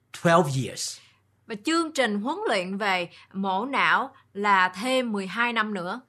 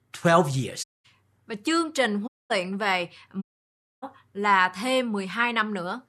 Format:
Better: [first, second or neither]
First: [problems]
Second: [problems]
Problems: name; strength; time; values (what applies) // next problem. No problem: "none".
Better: first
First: none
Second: audio cutting out; at 1 s, at 2.5 s and at 3.5 s for 0.5 s